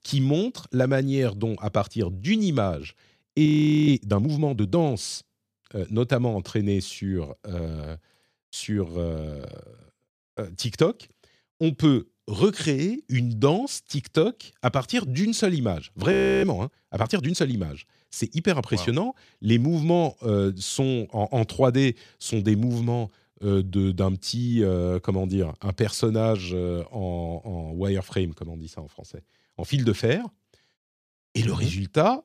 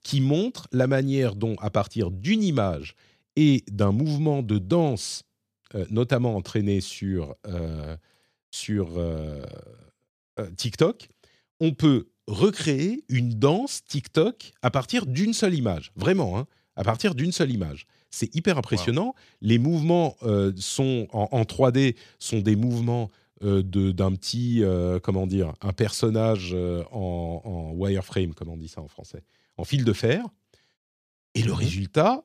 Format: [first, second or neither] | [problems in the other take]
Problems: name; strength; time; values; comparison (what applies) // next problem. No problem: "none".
second | audio freezing; at 3.5 s and at 16 s